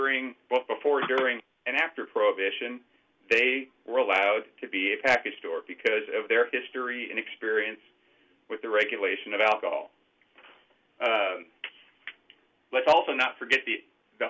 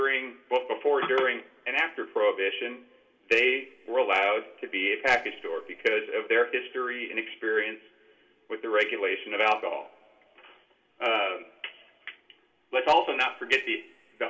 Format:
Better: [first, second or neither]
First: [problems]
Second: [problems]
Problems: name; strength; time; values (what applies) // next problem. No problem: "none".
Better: first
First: none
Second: room echo; dies away in 0.8 s